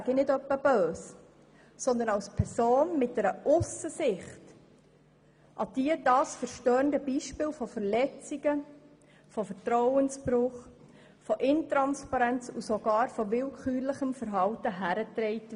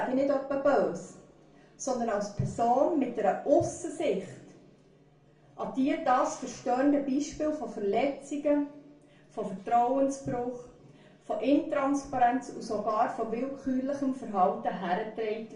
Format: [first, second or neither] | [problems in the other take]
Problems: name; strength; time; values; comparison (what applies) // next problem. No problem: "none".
first | room echo; dies away in 0.3 s